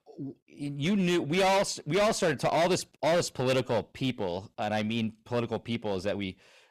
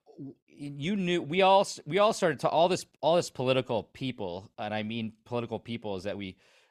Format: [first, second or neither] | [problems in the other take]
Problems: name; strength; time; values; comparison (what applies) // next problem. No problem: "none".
second | distortion; heavy; 10% of the sound clipped